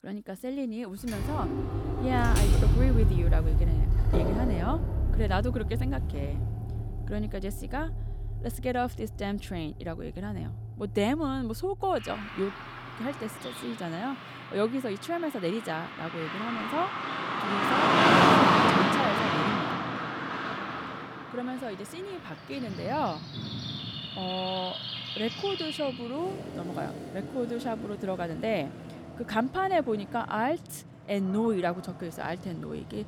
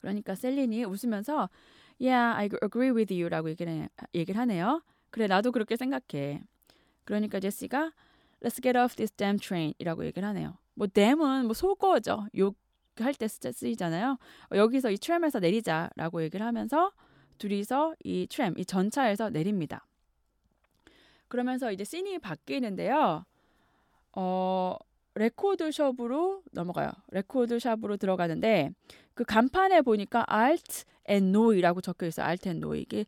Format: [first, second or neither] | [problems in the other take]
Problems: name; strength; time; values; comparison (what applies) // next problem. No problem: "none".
second | traffic noise; very loud; throughout; 5 dB above the speech